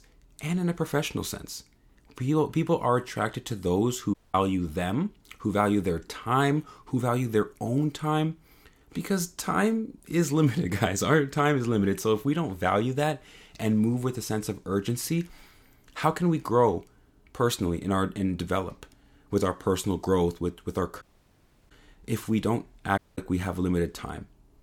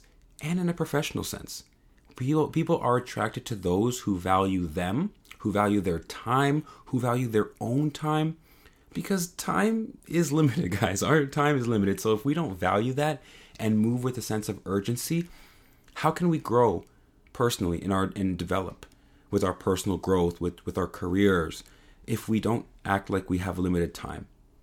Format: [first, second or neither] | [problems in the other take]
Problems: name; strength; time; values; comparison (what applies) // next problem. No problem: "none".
second | audio cutting out; at 4 s, at 21 s for 0.5 s and at 23 s